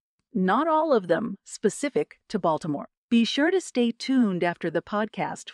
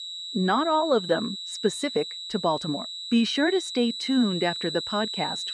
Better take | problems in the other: first | high-pitched whine; loud; throughout; 4 kHz, 6 dB below the speech

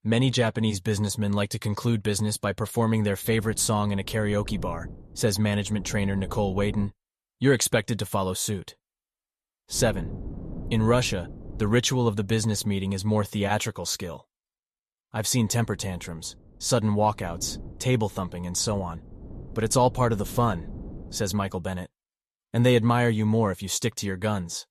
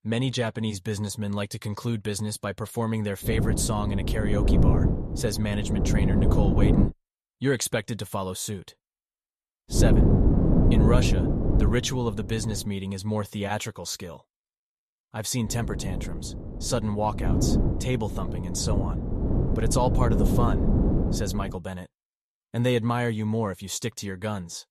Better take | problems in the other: first | wind noise on the microphone; heavy; from 3.5 to 7 s, from 10 to 13 s and from 15 to 22 s; 1 dB below the speech; occasional gusts in the first

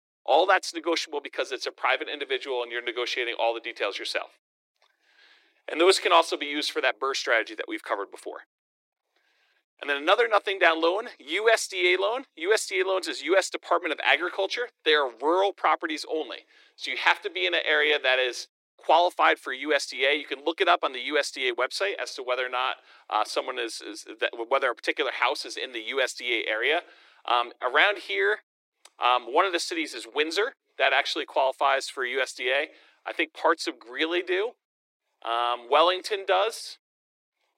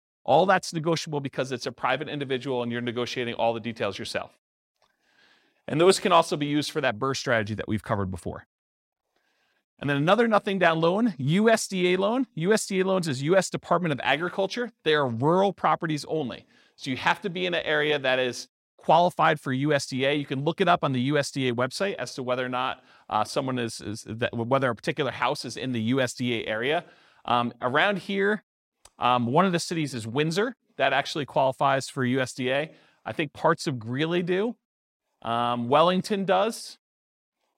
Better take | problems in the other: second | thin; very; fading below 300 Hz

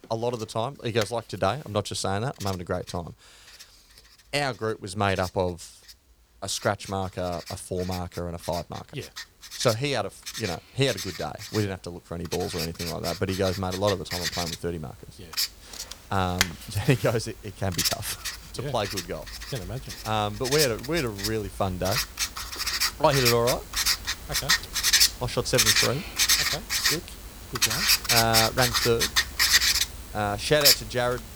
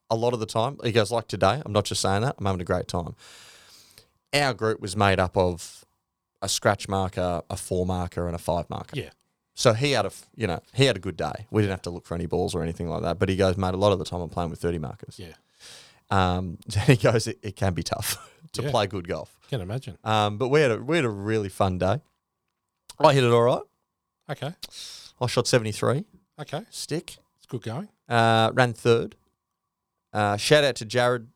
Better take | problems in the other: second | household noises; very loud; throughout; 4 dB above the speech

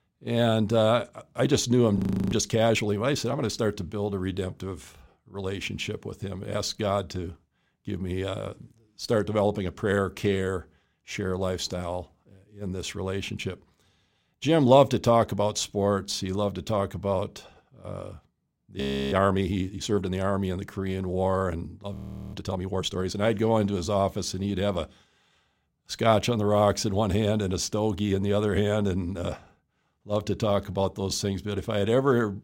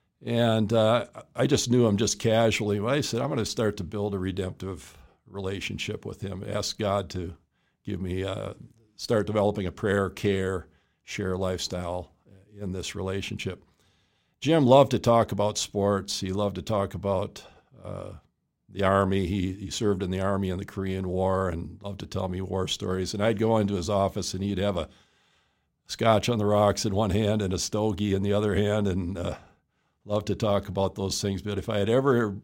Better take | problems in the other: second | audio freezing; at 2 s, at 19 s and at 22 s

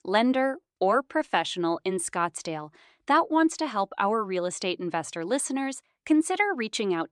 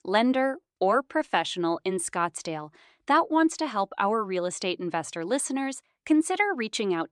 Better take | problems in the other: neither | none

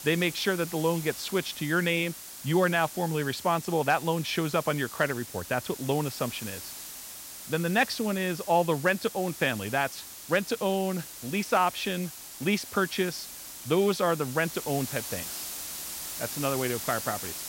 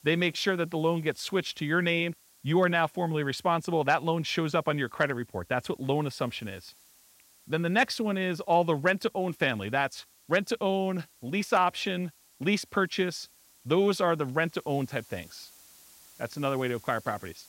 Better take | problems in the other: second | hiss; loud; throughout; 10 dB below the speech; faint in the second

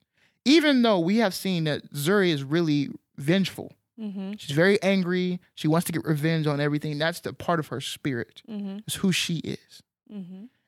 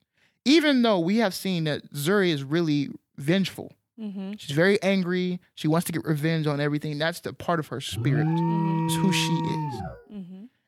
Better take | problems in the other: first | alarm; loud; from 8 to 10 s; peak 1 dB above the speech

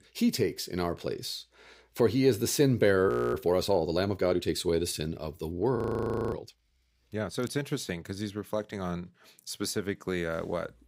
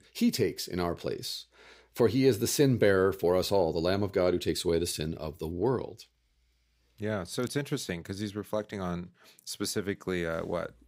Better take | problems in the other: second | audio freezing; at 3 s and at 6 s for 0.5 s

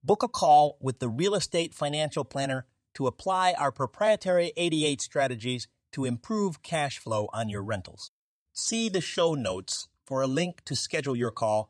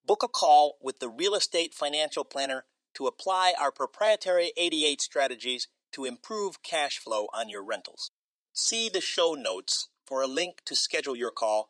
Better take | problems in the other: first | thin; somewhat; fading below 300 Hz

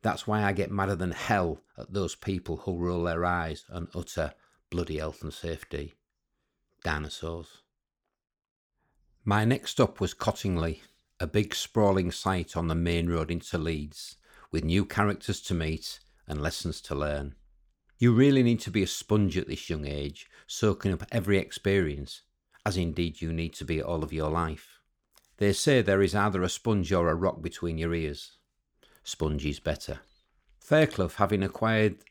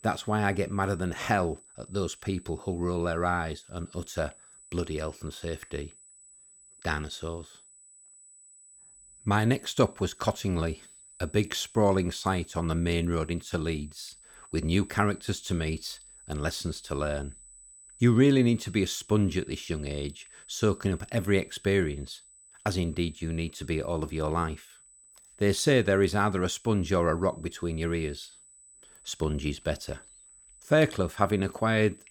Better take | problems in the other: first | high-pitched whine; faint; throughout; 8 kHz, 25 dB below the speech

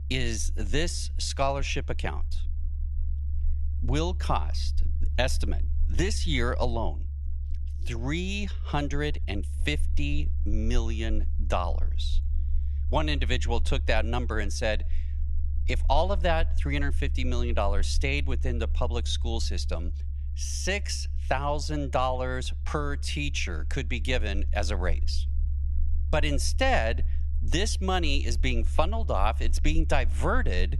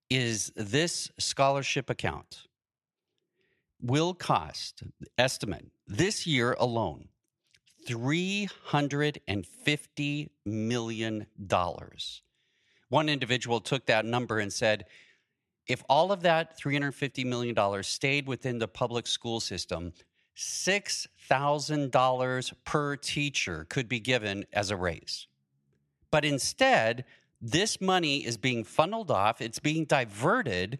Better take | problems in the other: second | low rumble; faint; throughout; 20 dB below the speech

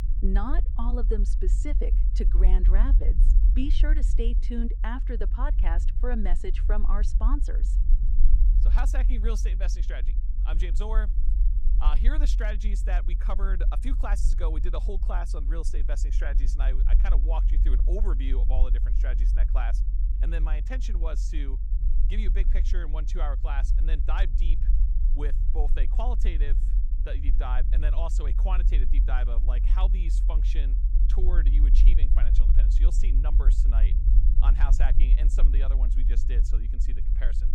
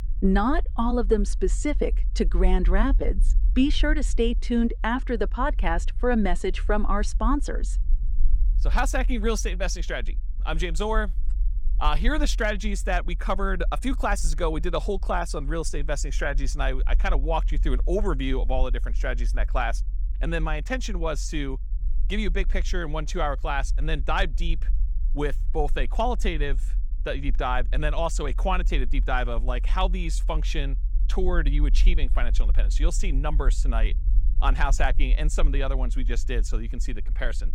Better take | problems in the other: second | low rumble; loud; throughout; 10 dB below the speech; faint in the second

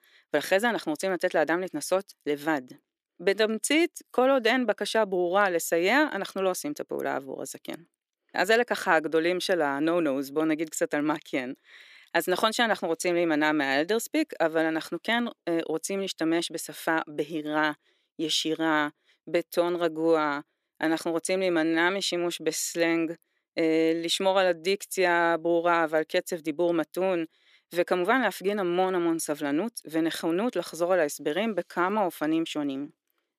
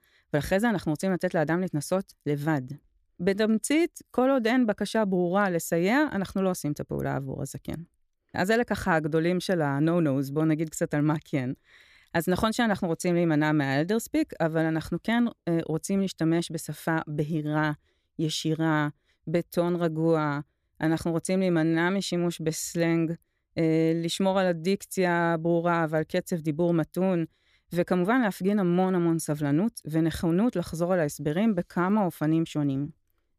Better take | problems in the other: second | thin; somewhat; fading below 300 Hz

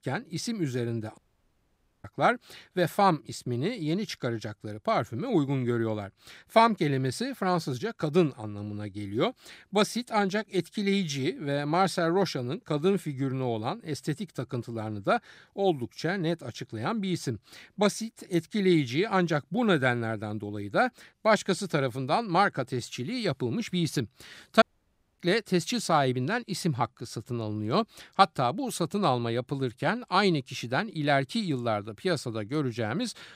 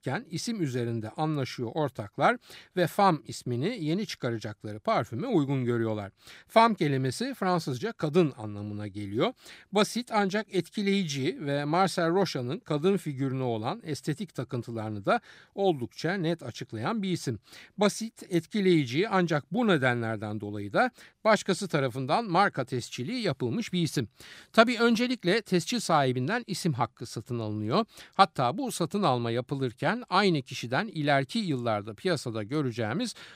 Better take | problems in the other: second | audio cutting out; at 1 s for 1 s and at 25 s for 0.5 s

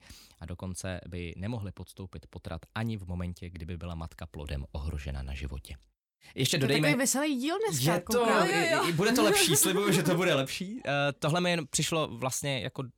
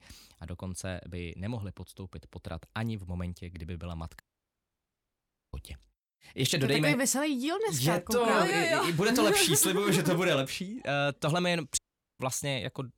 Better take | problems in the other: first | audio cutting out; at 4 s for 1.5 s and at 12 s

